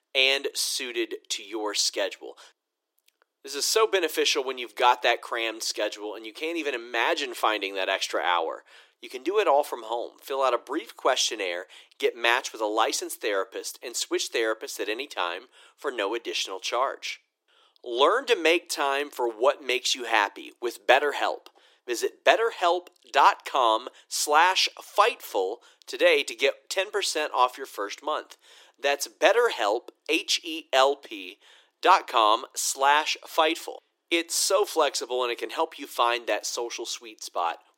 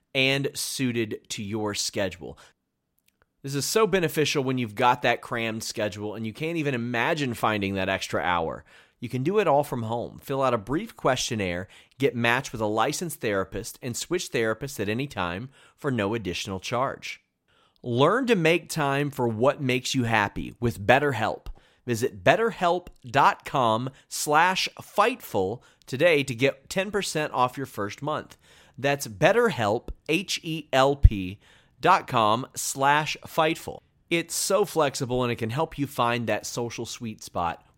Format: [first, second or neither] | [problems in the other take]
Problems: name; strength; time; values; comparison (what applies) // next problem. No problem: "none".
second | thin; very; fading below 350 Hz